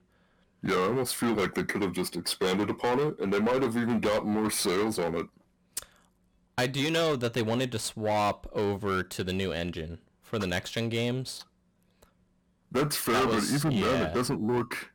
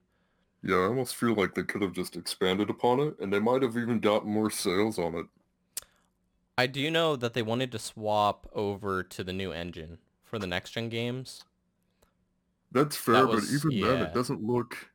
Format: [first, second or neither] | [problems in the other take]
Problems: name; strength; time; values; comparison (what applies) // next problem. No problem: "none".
second | distortion; heavy; 7 dB below the speech